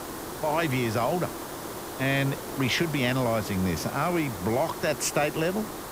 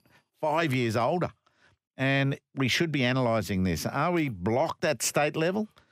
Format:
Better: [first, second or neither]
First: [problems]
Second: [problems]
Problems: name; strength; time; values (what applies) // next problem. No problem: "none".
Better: second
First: hiss; loud; throughout; 9 dB below the speech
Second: none